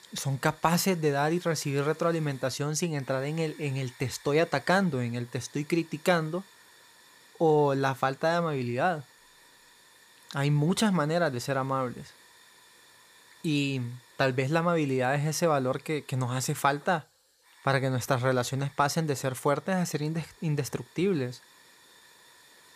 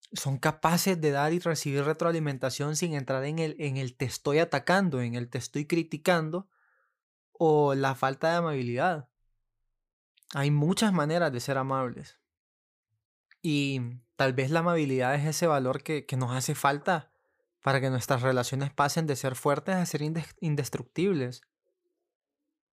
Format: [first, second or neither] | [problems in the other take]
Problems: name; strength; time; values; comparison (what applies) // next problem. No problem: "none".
second | hiss; faint; throughout; 25 dB below the speech